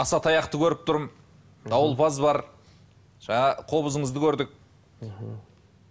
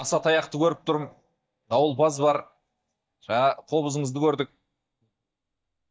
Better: first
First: none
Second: noise reduction (neural mask model DeepFilterNet 3)

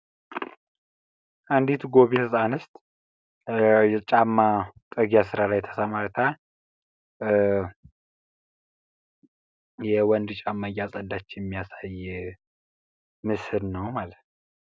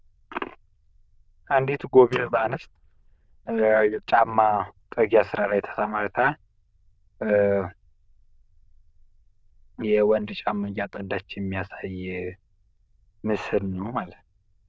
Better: first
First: none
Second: noise reduction (neural diffusion model UNIVERSE++)

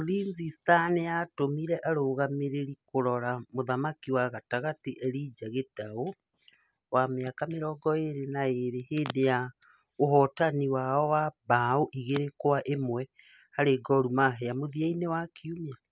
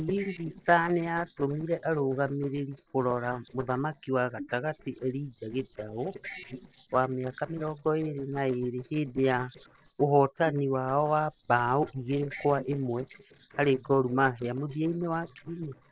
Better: first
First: none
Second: noise reduction (neural separator model SepFormer DNS4)

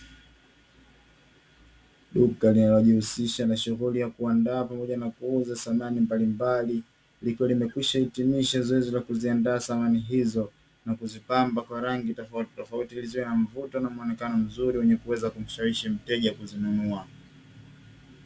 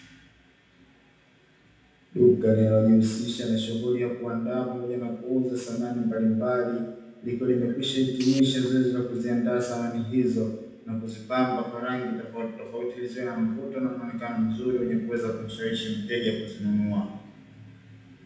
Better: first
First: none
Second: background sound (Tools); 15 dB below the speech // room echo; dies away in 0.9 s

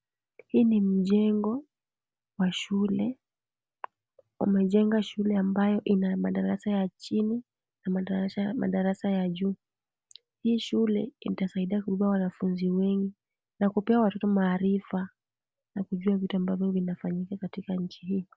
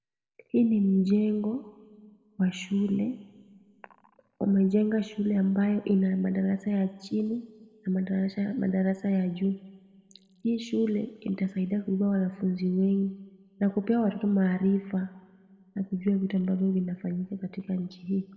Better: first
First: none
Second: room echo; dies away in 1.2 s

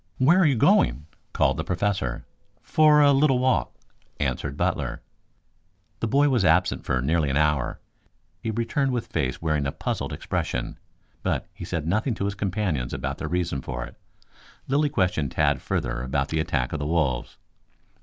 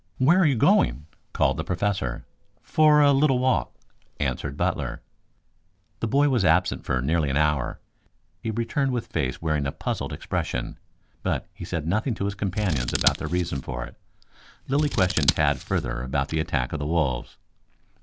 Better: first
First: none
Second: background sound (Scissors); 5 dB below the speech

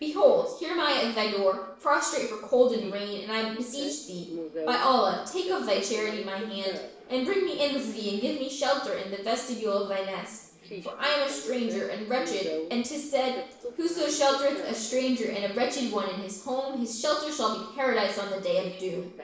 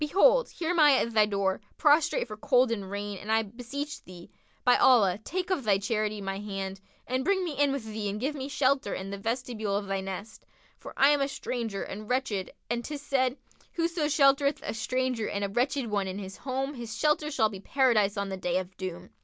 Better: second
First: noise reduction (neural separator model SepFormer DNS4)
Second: none

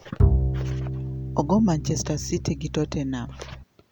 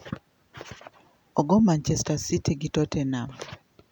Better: second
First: background sound (Bowed string instrument); 1 dB above the speech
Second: none

